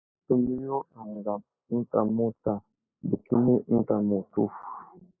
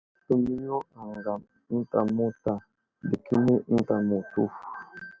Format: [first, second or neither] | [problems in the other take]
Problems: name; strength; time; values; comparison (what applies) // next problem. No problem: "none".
second | noise reduction (neural mask model Resemble Enhance denoiser)